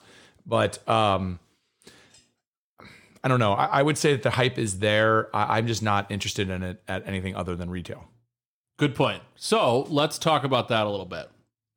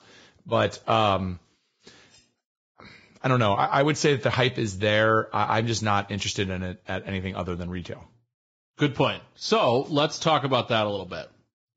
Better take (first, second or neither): first